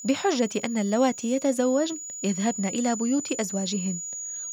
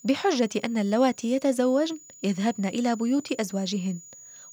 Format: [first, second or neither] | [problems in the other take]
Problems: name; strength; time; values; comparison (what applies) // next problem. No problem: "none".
second | high-pitched whine; loud; throughout; 7 kHz, 8 dB below the speech; faint in the second